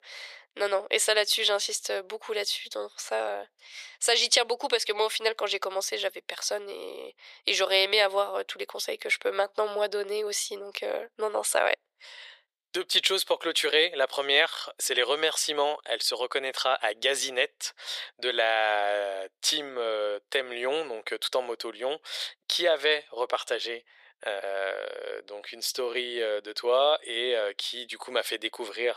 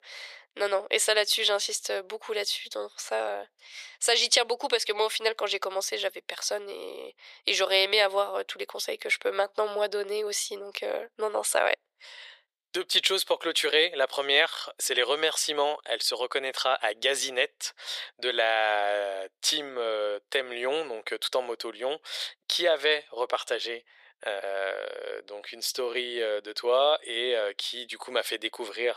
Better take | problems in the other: neither | thin; very; fading below 450 Hz; the same in both

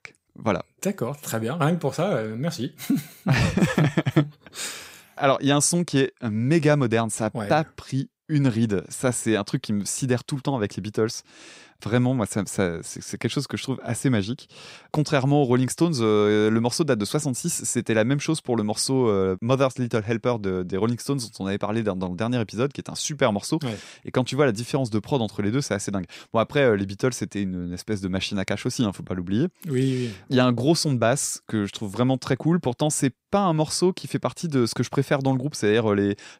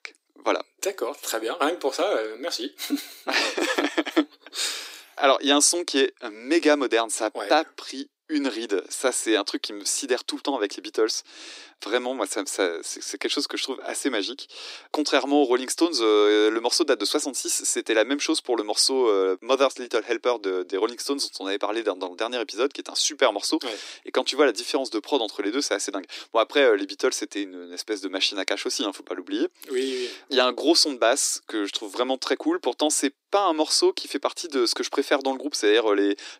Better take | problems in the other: first | thin; somewhat; fading below 300 Hz

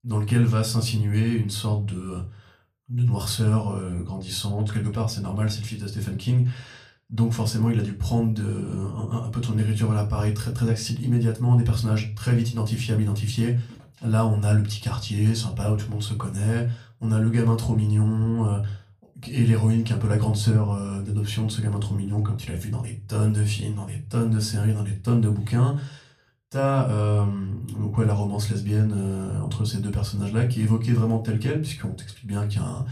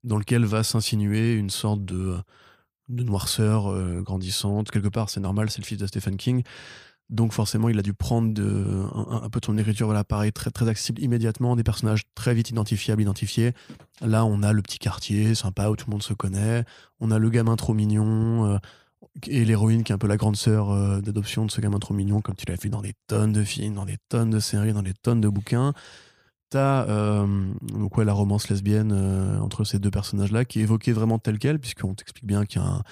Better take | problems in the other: second | off-mic speech; somewhat distant // room echo; very slight; dies away in 0.3 s

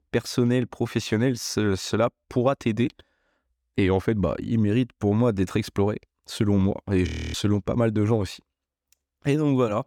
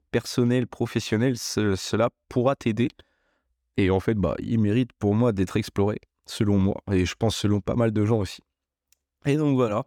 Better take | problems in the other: second | audio freezing; at 7 s

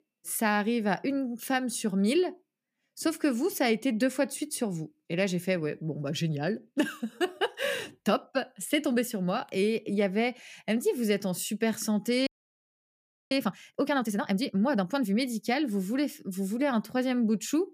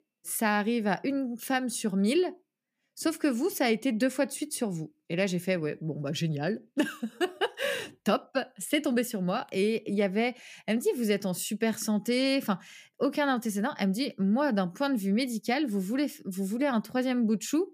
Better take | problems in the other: second | audio freezing; at 12 s for 1 s

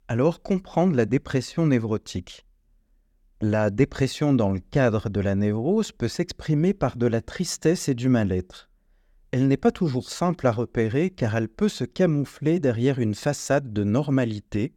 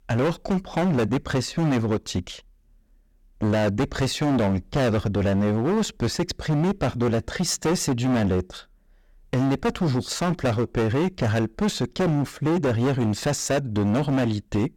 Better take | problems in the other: first | distortion; heavy; 21% of the sound clipped

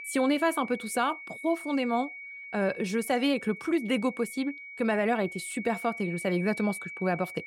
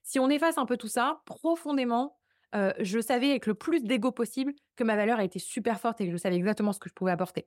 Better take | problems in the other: second | high-pitched whine; noticeable; throughout; 2 kHz, 10 dB below the speech

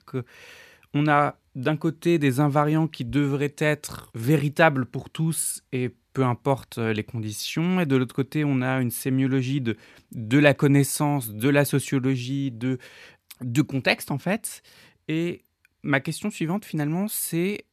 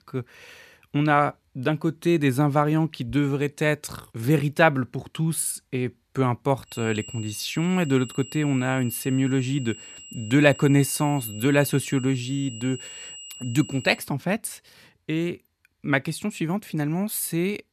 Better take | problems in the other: first | high-pitched whine; noticeable; from 6.5 to 14 s; 3 kHz, 15 dB below the speech

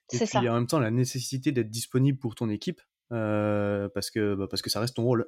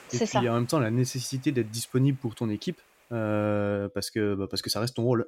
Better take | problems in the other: first | hiss; faint; until 3.5 s; 25 dB below the speech

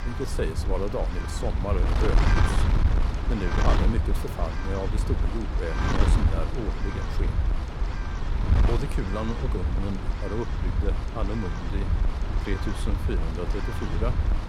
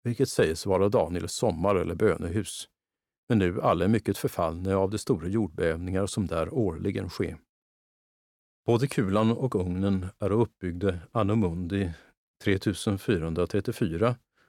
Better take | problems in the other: second | wind noise on the microphone; heavy; as loud as the speech

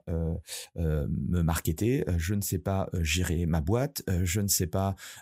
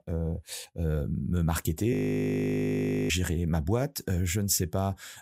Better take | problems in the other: first | audio freezing; at 2 s for 1 s

